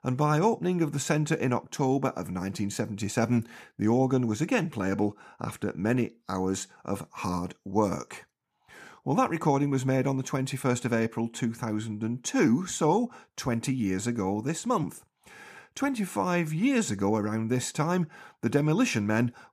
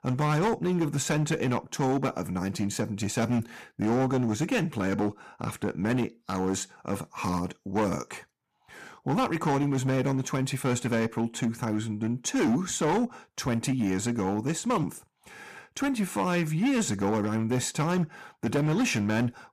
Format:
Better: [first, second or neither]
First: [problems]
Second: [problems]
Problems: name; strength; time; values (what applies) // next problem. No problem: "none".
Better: first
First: none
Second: distortion; slight; 10% of the sound clipped